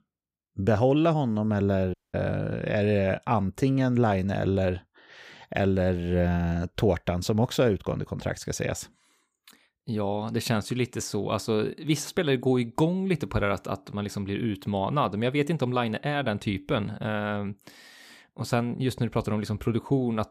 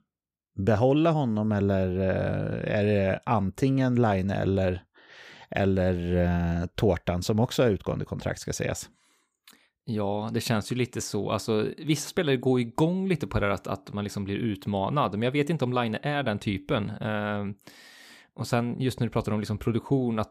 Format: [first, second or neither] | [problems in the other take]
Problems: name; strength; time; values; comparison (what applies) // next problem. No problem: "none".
second | audio cutting out; at 2 s